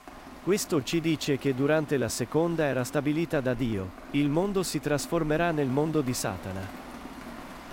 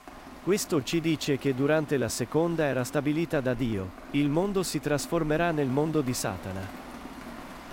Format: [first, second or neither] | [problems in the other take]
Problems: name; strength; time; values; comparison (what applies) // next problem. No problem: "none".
neither | rain or running water; noticeable; throughout; 15 dB below the speech; the same in both